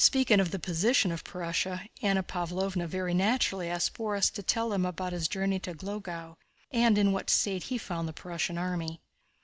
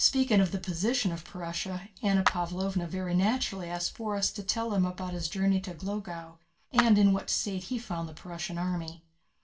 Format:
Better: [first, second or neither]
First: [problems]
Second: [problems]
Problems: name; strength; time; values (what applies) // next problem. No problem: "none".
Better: first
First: none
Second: background sound (Clapping); 7 dB below the speech // room echo; dies away in 0.2 s